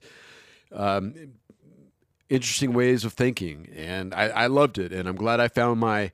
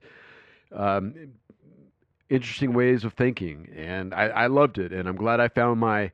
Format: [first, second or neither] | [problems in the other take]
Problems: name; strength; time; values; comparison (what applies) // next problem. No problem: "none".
first | muffled; very; fading above 2 kHz